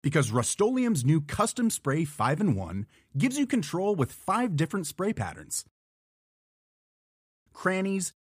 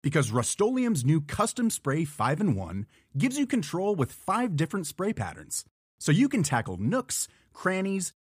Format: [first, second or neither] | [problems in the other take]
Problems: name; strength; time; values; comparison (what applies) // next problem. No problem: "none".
second | audio cutting out; at 6 s for 1.5 s